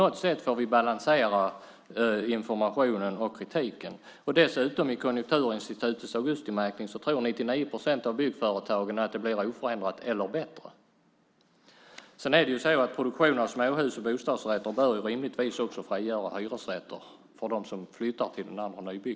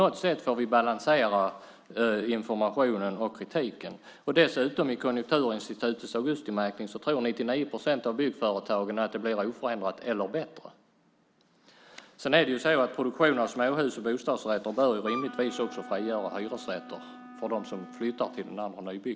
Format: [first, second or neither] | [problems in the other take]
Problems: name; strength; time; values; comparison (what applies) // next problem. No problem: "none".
first | background sound (Wind instrument, woodwind instrument); 14 dB below the speech